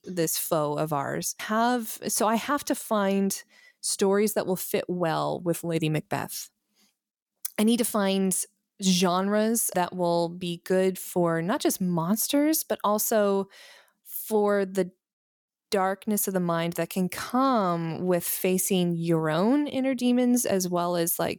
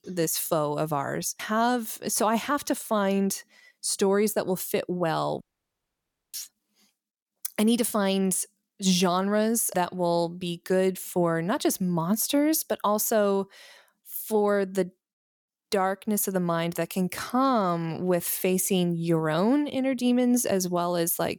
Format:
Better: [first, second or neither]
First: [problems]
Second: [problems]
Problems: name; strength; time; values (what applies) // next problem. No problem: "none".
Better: first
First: none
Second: audio cutting out; at 5.5 s for 1 s